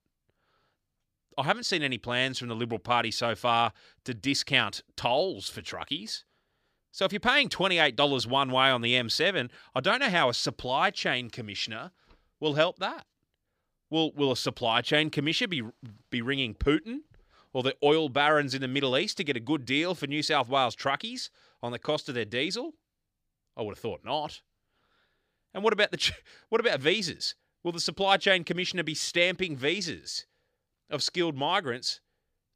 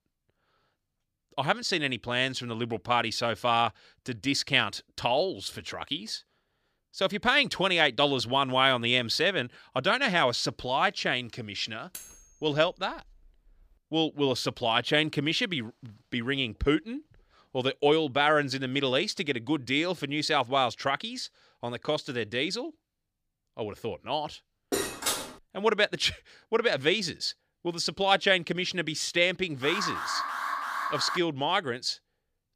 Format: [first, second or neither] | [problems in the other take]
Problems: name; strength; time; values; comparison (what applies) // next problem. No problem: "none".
first | clattering dishes; faint; from 12 to 14 s; peak 15 dB below the speech // clattering dishes; noticeable; at 25 s; peak 1 dB below the speech // alarm; noticeable; from 30 to 31 s; peak 4 dB below the speech